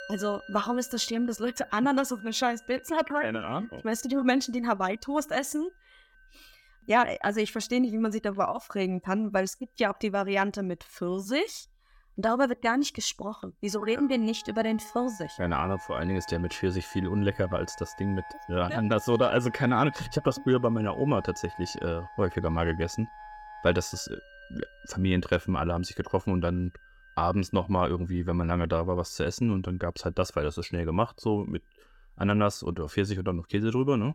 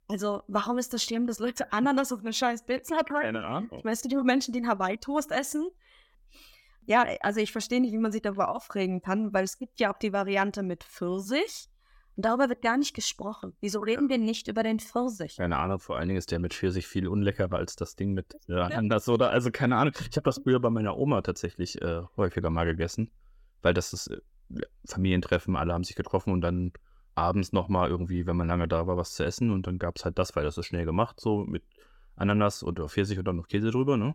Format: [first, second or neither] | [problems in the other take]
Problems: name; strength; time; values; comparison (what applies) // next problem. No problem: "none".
second | background music; noticeable; throughout; 20 dB below the speech